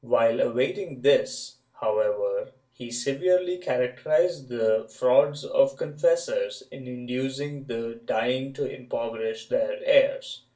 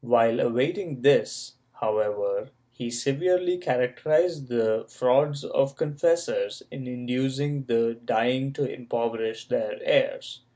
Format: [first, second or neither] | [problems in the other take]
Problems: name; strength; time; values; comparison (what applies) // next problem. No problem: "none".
second | room echo; dies away in 0.2 s